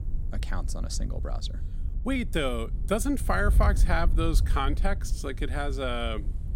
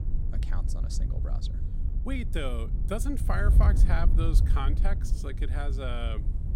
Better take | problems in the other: first | wind noise on the microphone; heavy; 9 dB below the speech; occasional gusts in the first

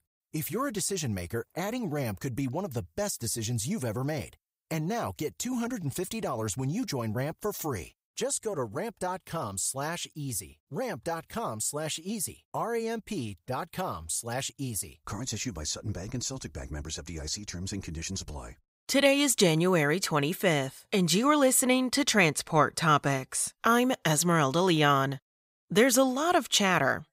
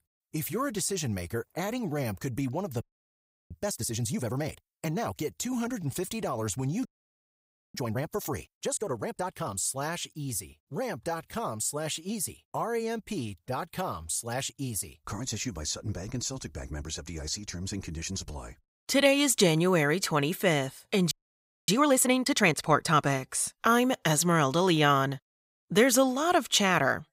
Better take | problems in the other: first | audio freezing; at 3 s for 0.5 s, at 7 s for 1 s and at 21 s for 0.5 s

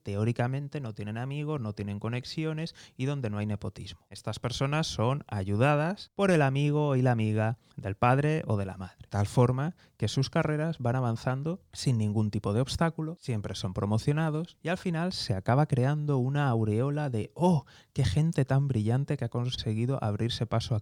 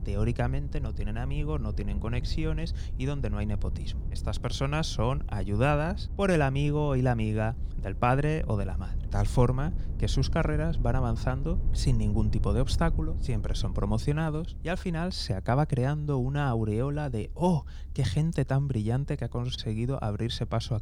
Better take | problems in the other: first | low rumble; noticeable; throughout; 20 dB below the speech

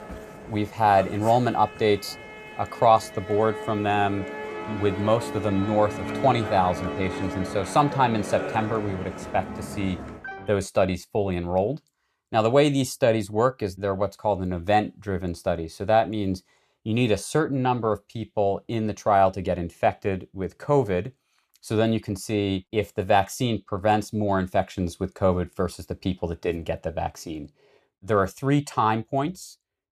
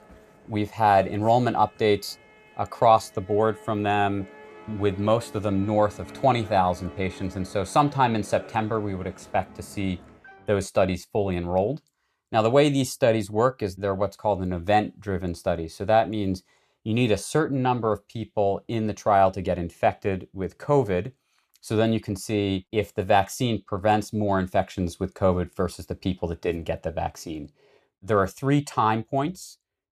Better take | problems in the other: second | background music; loud; until 10 s; 10 dB below the speech; faint in the second

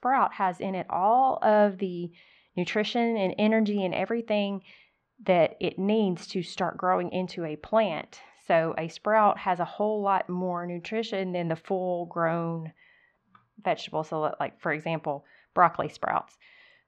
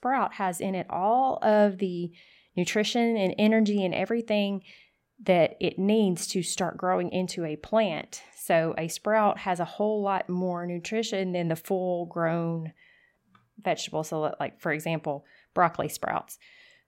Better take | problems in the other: second | muffled; slightly; fading above 4.5 kHz

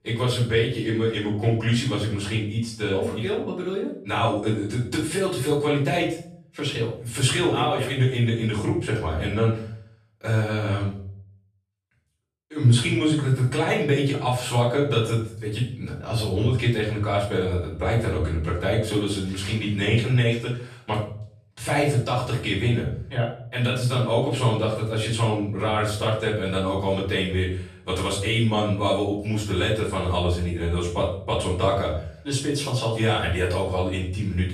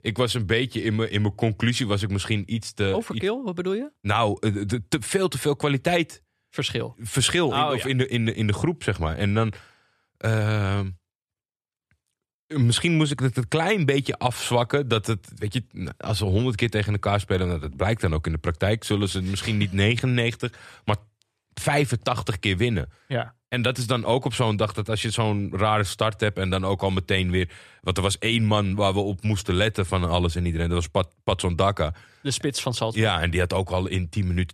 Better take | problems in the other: second | off-mic speech; far // room echo; noticeable; dies away in 0.5 s

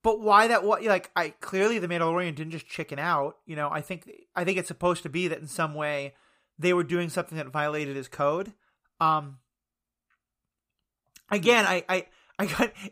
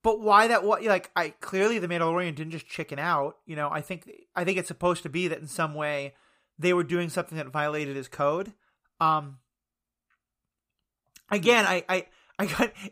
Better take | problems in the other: neither | none

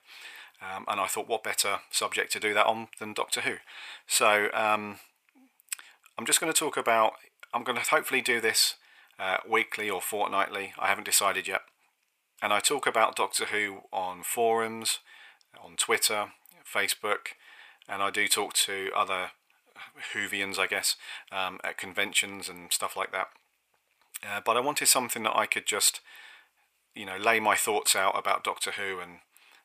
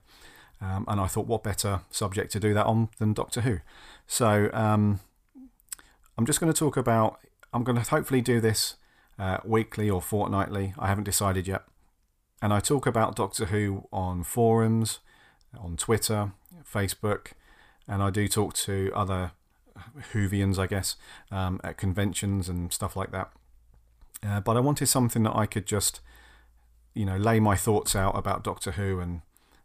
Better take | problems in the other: second | thin; very; fading below 600 Hz

